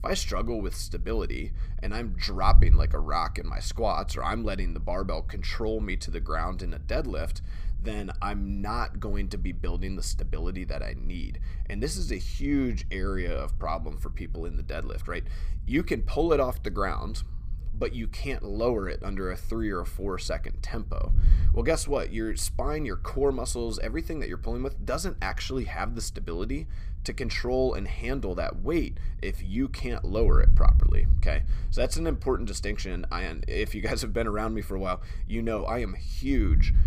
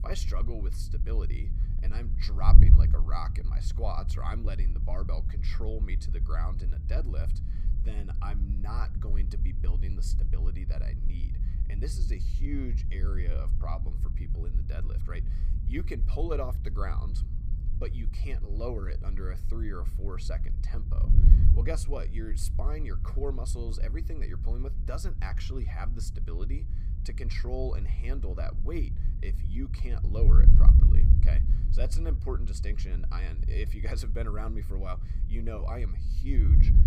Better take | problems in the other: first | wind noise on the microphone; heavy; 6 dB below the speech; occasional gusts in the first

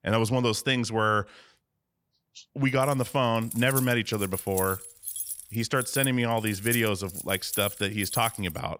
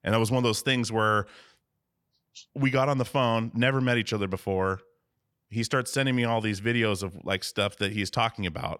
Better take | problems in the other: second | jangling keys; noticeable; from 3 s on; peak 4 dB below the speech

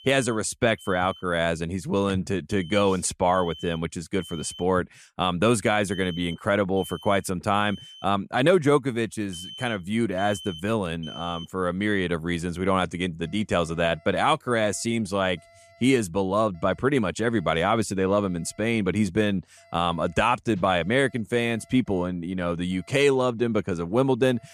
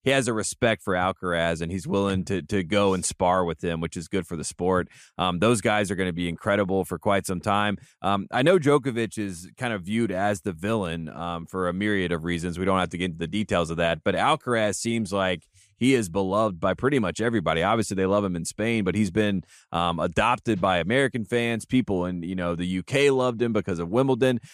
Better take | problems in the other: second | alarms or sirens; noticeable; throughout; 20 dB below the speech

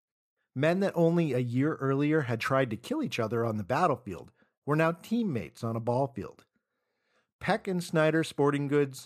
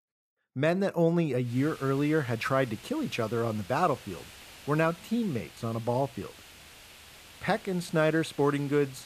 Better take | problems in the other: first | hiss; noticeable; from 1.5 s on; 20 dB below the speech

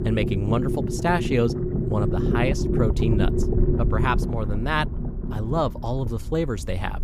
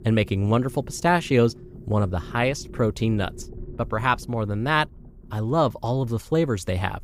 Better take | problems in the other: second | low rumble; loud; throughout; 4 dB below the speech; faint in the second

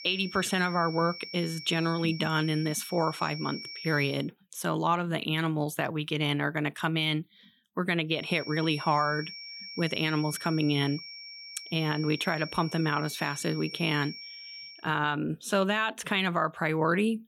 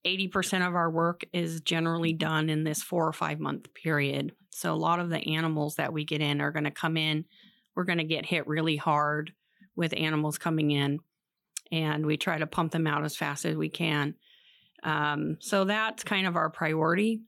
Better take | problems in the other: second | high-pitched whine; noticeable; until 4 s and from 8 to 15 s; 5.5 kHz, 10 dB below the speech

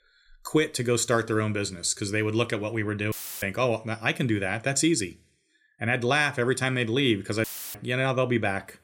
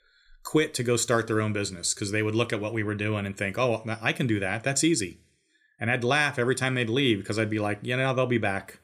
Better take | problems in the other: second | audio cutting out; filled with static; at 3 s and at 7.5 s

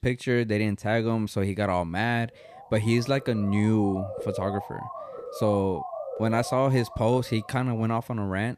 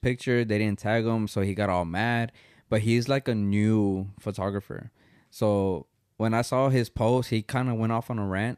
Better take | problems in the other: second | siren; noticeable; from 2.5 to 8 s; peak 7 dB below the speech

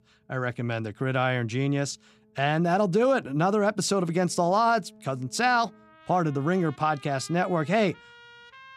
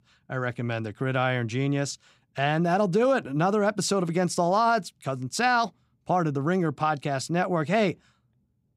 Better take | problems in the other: second | background music; faint; throughout; 25 dB below the speech

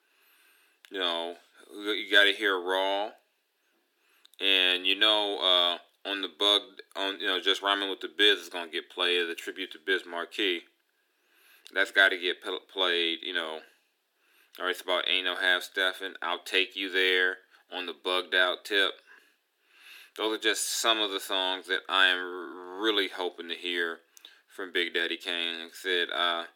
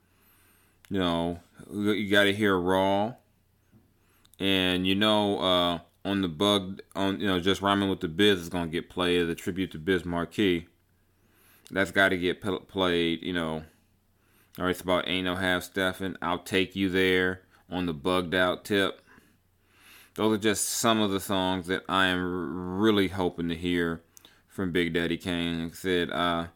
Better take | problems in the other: second | thin; very; fading below 350 Hz

